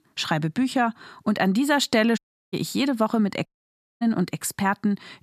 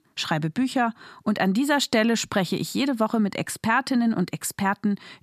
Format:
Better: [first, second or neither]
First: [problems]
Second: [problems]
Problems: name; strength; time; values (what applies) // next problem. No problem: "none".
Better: second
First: audio cutting out; at 2 s and at 3.5 s for 0.5 s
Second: none